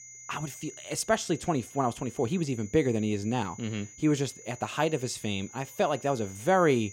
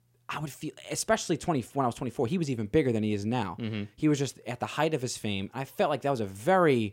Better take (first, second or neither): second